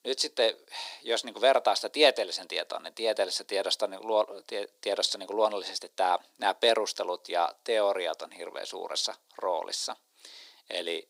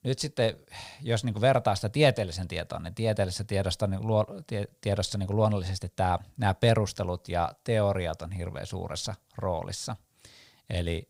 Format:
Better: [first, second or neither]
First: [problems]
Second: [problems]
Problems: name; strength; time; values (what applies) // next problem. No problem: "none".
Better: second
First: thin; very; fading below 300 Hz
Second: none